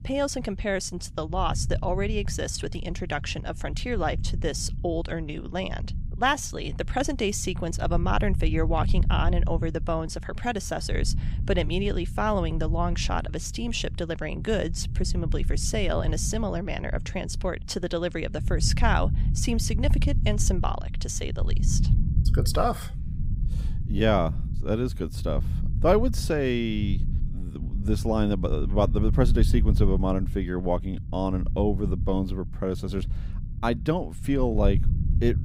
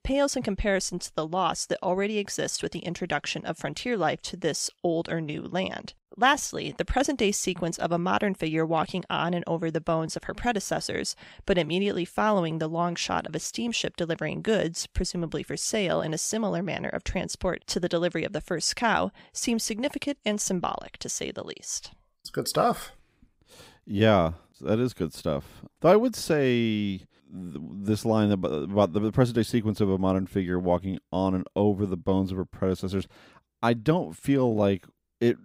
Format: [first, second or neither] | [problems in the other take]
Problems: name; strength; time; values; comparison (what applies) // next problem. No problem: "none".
second | low rumble; noticeable; throughout; 15 dB below the speech